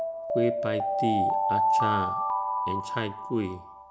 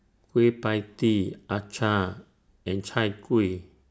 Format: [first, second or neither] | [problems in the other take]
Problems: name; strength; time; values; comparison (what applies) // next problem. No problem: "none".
second | background sound (Alarm); 5 dB above the speech